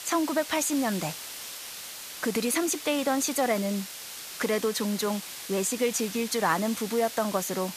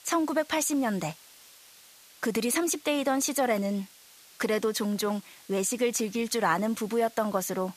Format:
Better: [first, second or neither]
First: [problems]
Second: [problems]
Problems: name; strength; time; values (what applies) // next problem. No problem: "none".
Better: second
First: hiss; loud; throughout; 9 dB below the speech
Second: hiss; faint; throughout; 25 dB below the speech